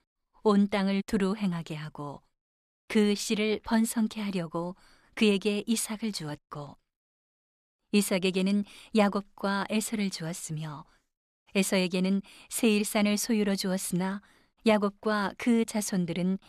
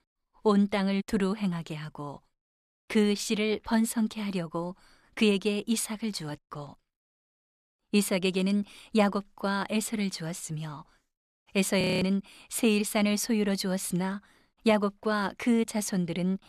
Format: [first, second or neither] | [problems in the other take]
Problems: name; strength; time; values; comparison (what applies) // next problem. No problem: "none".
first | audio freezing; at 12 s